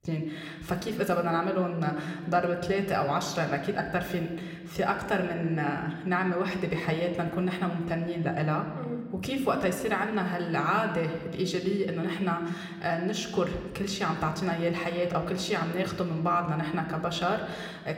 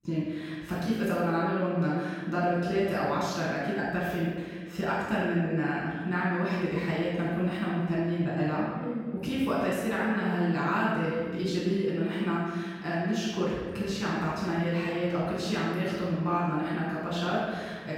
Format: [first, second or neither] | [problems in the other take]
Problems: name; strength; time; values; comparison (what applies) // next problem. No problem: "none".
first | room echo; strong; dies away in 1.4 s; slight in the first // off-mic speech; far